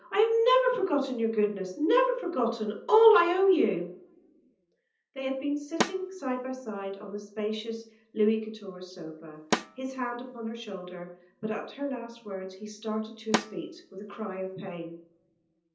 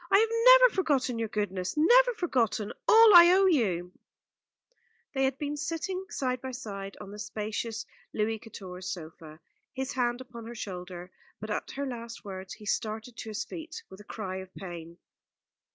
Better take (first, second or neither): second